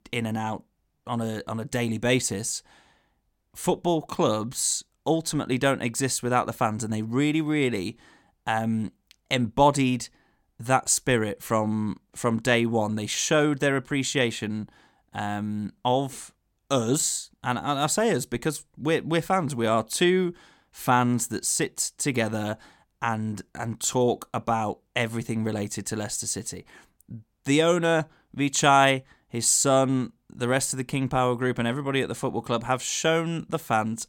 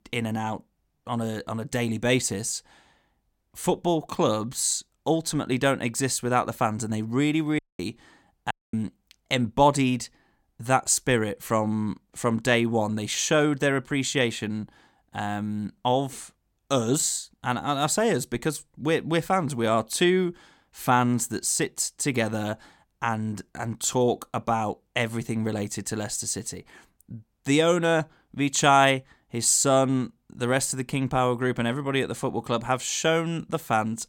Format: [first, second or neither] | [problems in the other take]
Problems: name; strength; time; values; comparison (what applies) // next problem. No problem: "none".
first | audio cutting out; at 7.5 s and at 8.5 s